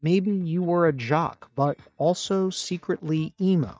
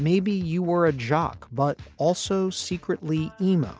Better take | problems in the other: second | noise reduction (neural mask model DeepFilterNet 3)

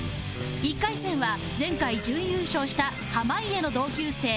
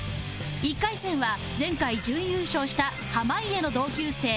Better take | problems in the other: second | background sound (Guitar); 11 dB below the speech

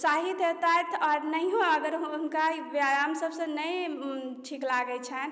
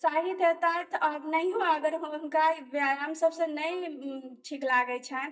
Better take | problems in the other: first | noise reduction (neural mask model DeepFilterNet 3)

